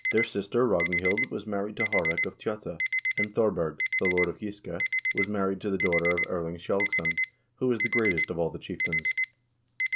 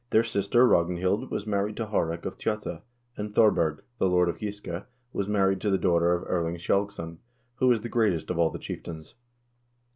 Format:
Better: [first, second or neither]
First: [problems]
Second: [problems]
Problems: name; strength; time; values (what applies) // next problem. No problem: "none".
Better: second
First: background sound (Alarm); 1 dB below the speech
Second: none